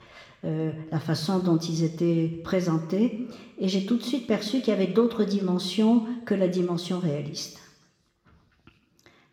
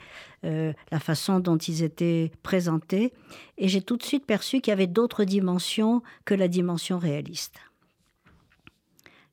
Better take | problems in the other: second | room echo; slight; dies away in 0.9 s

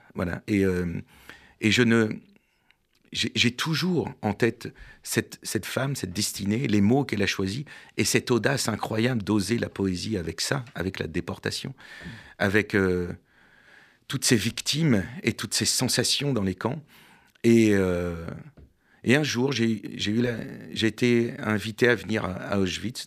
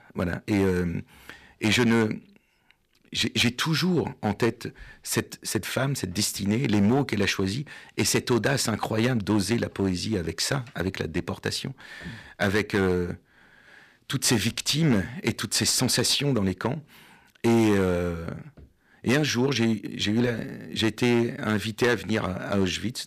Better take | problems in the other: first | distortion; slight; 5% of the sound clipped

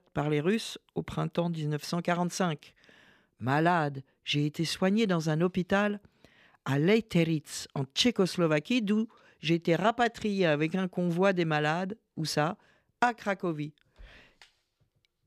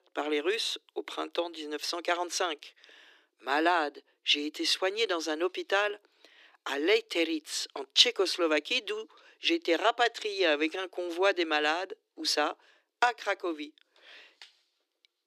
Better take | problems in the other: first | thin; very; fading below 300 Hz

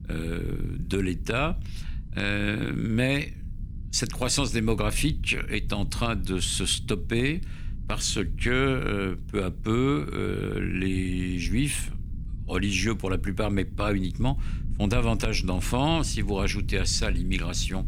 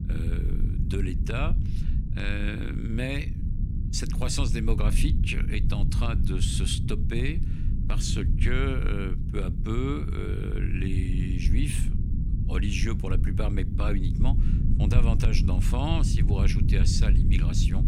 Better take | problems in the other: first | low rumble; loud; throughout; 6 dB below the speech; faint in the first

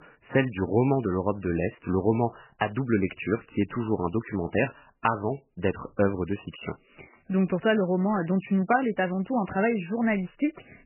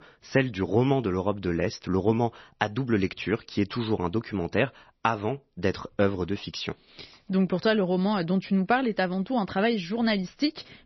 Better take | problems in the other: second | garbled, watery; badly; nothing above 3 kHz; slightly in the second

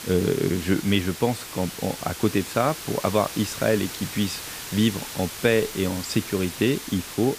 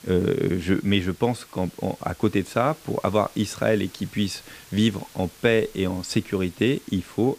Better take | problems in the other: second | hiss; loud; throughout; 9 dB below the speech; faint in the second

